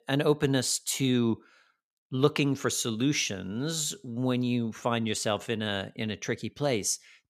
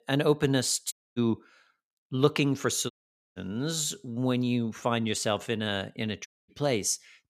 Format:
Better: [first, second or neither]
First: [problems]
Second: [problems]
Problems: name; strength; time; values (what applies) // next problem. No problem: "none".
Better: first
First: none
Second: audio cutting out; at 1 s, at 3 s and at 6.5 s